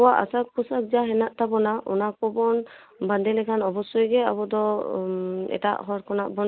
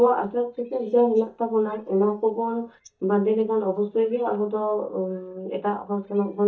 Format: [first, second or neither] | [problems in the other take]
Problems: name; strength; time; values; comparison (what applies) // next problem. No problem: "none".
first | noise reduction (neural mask model DeepFilterNet 3)